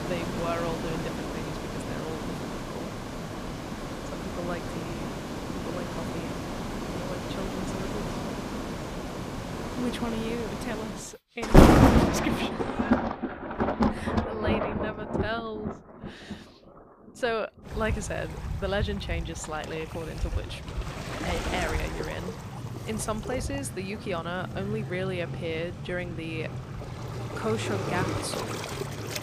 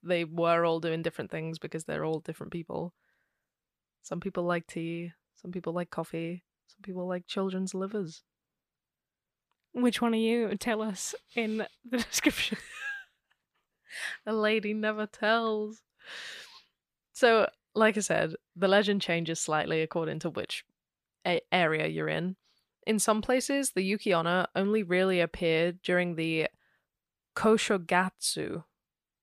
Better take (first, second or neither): second